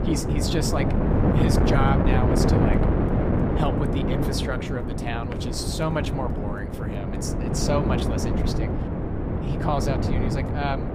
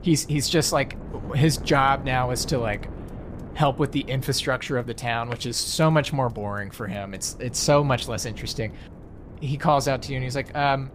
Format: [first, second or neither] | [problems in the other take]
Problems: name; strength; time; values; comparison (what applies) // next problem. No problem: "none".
second | wind noise on the microphone; heavy; 1 dB above the speech; occasional gusts in the second